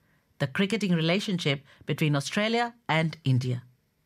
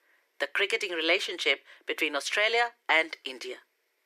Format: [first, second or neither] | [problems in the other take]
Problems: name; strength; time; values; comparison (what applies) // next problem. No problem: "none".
first | thin; very; fading below 350 Hz